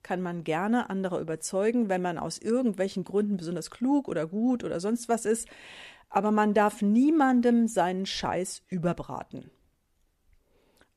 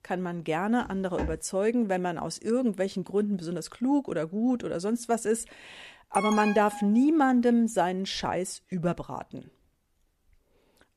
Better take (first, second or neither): first